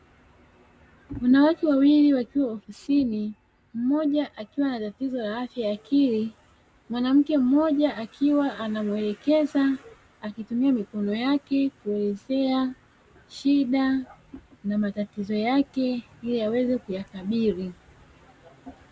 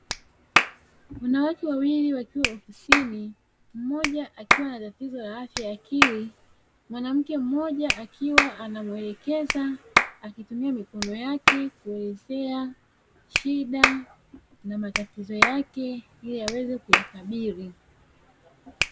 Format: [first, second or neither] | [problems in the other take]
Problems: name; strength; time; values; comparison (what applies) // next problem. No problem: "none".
first | background sound (Clapping); 1 dB above the speech